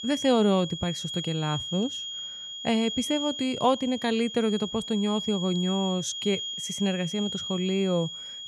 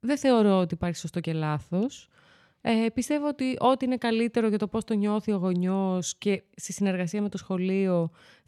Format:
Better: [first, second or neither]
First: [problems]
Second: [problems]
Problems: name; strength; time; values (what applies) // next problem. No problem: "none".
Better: second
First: high-pitched whine; loud; throughout; 3.5 kHz, 6 dB below the speech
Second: none